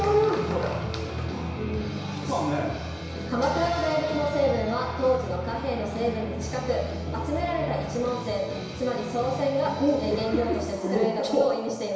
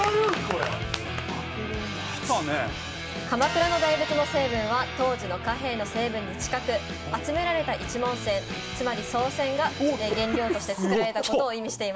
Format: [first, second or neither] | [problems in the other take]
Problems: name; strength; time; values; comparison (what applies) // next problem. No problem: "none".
second | room echo; dies away in 1 s